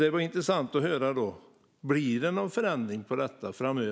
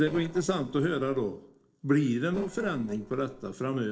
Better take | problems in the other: first | noise reduction (neural separator model SepFormer DNS4)

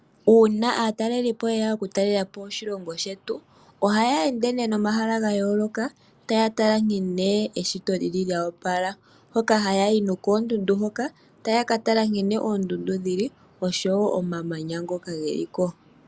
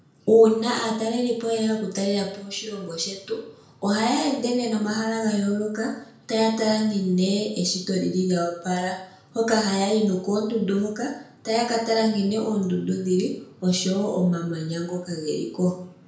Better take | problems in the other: first | room echo; dies away in 0.5 s

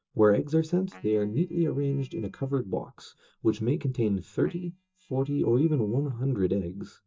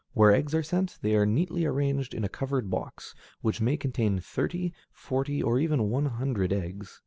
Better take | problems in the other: second | noise reduction (neural mask model DeepFilterNet 3)

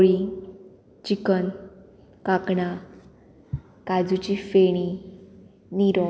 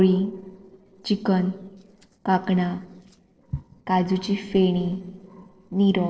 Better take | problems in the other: first | noise reduction (neural separator model SepFormer DNS4)

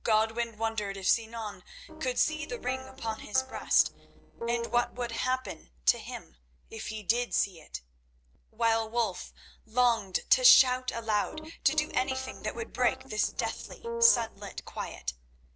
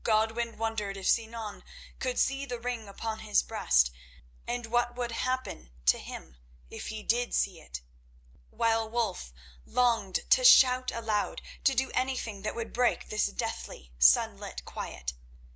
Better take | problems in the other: second | noise reduction (neural separator model SepFormer DNS4)

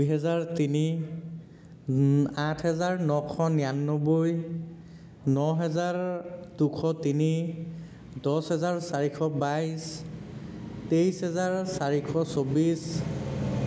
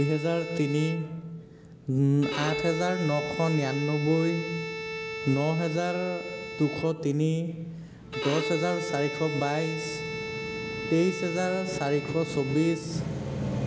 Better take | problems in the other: first | background sound (Bowed string instrument); 8 dB below the speech

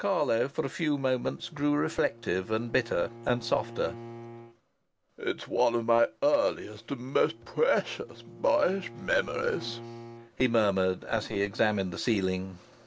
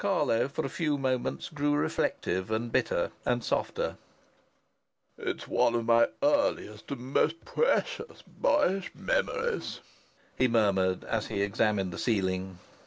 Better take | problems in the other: second | background sound (Bowed string instrument); 19 dB below the speech

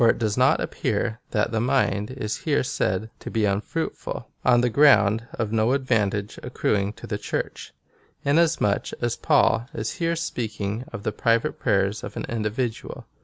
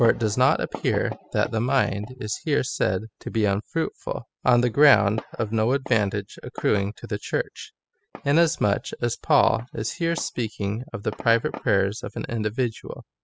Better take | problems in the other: first | noise reduction (classical method spectral subtraction)

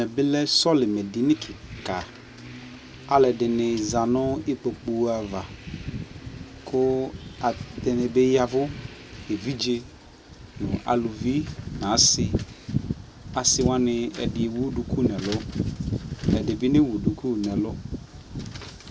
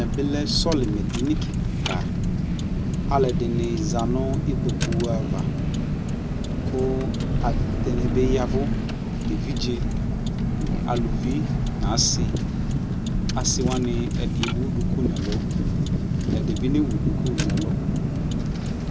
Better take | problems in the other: first | background sound (Car); 4 dB above the speech

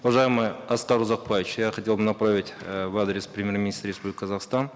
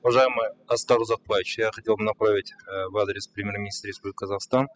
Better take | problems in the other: first | noise reduction (classical method spectral subtraction)

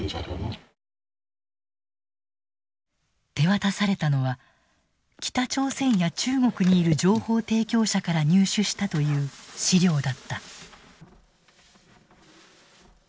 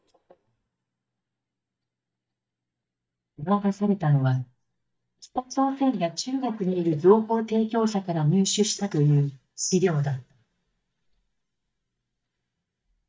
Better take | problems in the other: first | noise reduction (neural mask model DeepFilterNet 3)

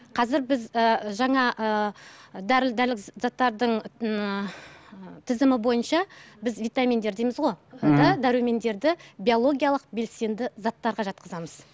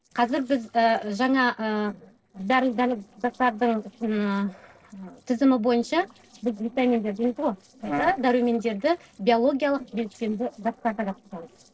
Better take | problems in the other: first | noise reduction (neural separator model SepFormer DNS4)

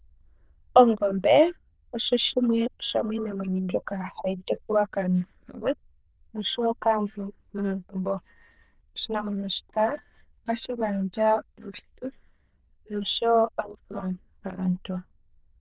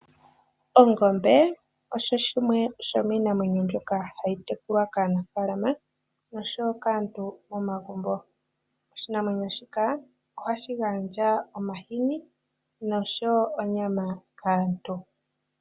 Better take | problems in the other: second | noise reduction (neural diffusion model UNIVERSE++)

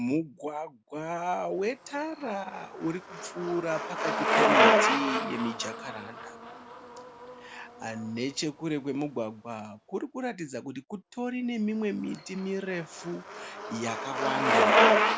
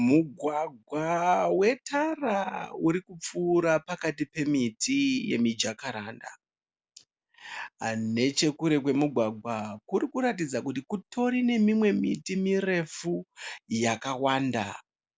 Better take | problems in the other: second | background sound (Bicycle); 4 dB above the speech

